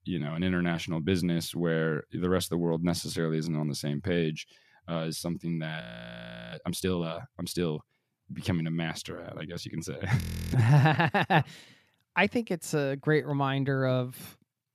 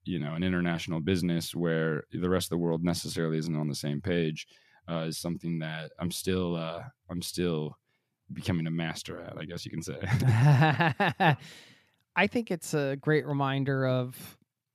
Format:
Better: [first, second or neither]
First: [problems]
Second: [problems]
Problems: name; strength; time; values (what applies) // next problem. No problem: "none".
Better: second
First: audio freezing; at 6 s for 0.5 s and at 10 s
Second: none